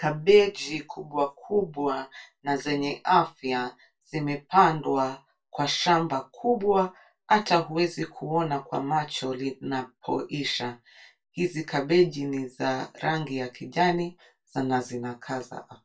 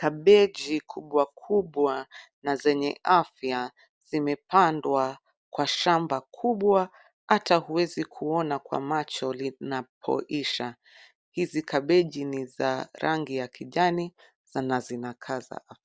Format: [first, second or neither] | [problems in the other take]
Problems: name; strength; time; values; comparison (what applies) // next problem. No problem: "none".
second | room echo; dies away in 0.2 s